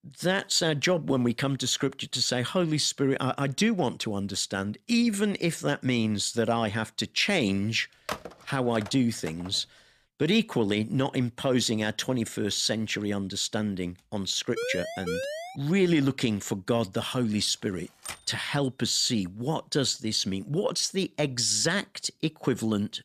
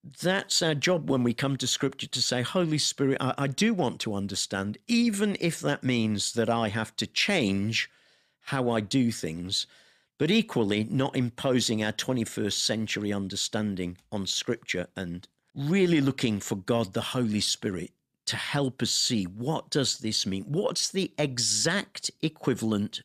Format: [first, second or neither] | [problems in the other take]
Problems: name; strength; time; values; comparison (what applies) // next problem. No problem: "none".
second | phone ringing; noticeable; from 8 to 9.5 s; peak 9 dB below the speech // siren; noticeable; from 15 to 16 s; peak 5 dB below the speech // keyboard typing; faint; at 18 s; peak 10 dB below the speech